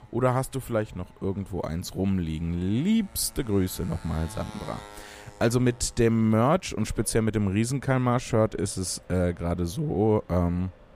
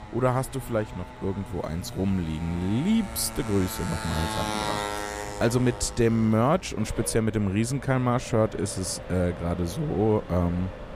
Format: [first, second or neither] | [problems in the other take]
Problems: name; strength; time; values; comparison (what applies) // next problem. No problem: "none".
first | traffic noise; loud; throughout; 10 dB below the speech; faint in the first